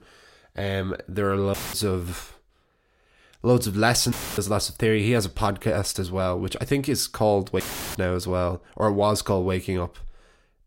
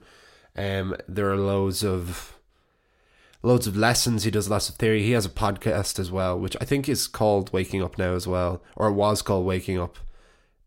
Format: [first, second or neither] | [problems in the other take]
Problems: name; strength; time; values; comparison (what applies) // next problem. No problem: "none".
second | audio cutting out; filled with static; at 1.5 s, at 4 s and at 7.5 s